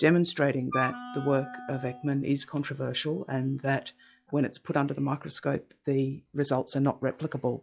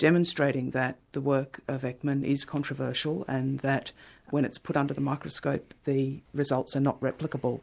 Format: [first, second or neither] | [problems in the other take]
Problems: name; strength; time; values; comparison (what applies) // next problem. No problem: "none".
second | noise reduction (classical method log-MMSE)